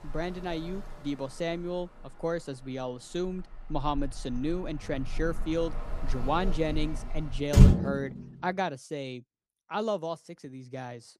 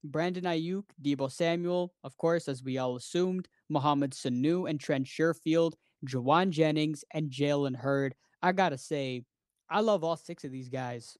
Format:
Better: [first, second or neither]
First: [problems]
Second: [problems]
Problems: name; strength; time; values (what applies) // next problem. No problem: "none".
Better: second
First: traffic noise; very loud; until 8.5 s; 5 dB above the speech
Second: none